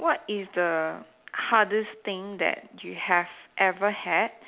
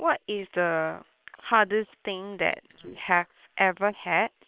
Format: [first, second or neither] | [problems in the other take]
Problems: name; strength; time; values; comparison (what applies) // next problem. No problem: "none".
first | noise reduction (neural separator model SepFormer WHAM!)